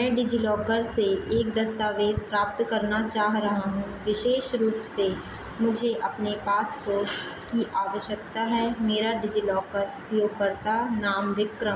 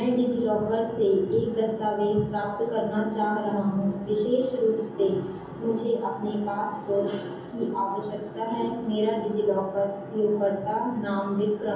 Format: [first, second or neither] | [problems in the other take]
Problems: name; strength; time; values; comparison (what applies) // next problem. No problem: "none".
first | room echo; dies away in 0.7 s